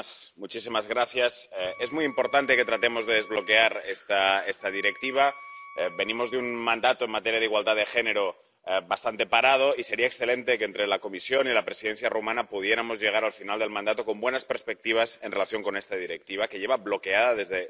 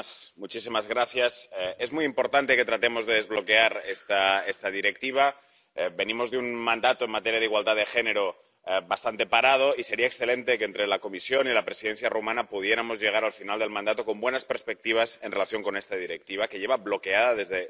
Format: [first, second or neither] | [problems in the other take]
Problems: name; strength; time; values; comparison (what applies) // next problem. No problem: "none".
second | background sound (Wind instrument, woodwind instrument); 19 dB below the speech